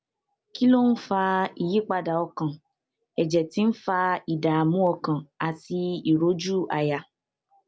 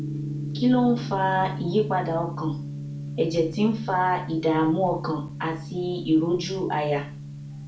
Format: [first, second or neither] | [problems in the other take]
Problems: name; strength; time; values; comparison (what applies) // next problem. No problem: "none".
first | background sound (Gong); 8 dB below the speech // room echo; dies away in 0.4 s